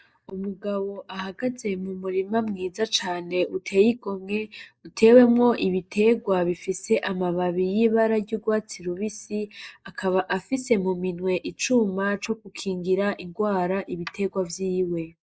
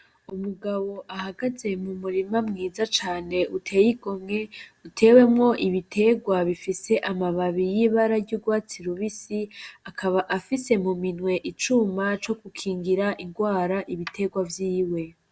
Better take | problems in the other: second | noise reduction (neural mask model Resemble Enhance denoiser)

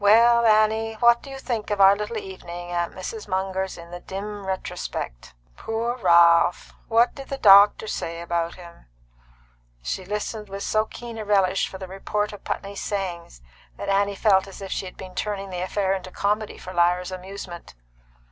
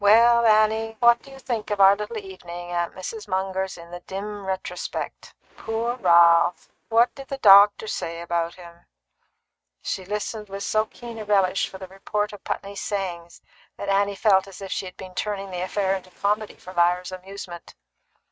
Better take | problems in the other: first | noise reduction (neural mask model RNNoise)

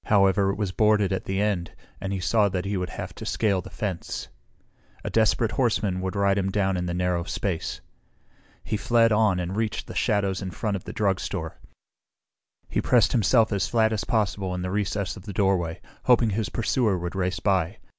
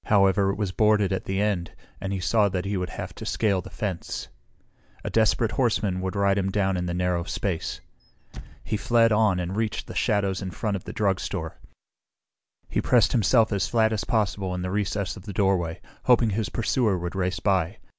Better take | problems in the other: first | background sound (Squeak / Slam); 19 dB below the speech

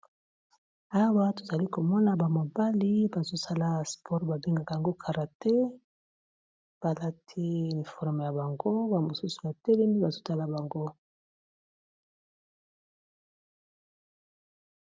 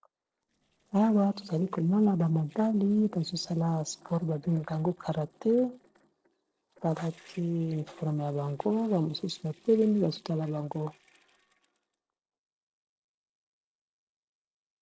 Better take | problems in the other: first | noise reduction (neural separator model SepFormer DNS4)

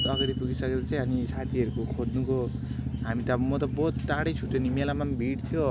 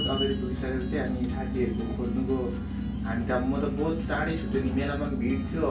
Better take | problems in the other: first | background sound (Acoustic guitar); 19 dB below the speech // room echo; dies away in 0.3 s

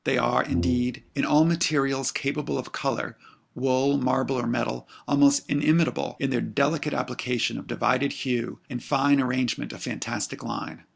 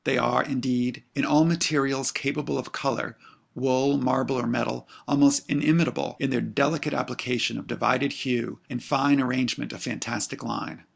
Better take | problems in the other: second | background sound (Brass instrument); 7 dB below the speech

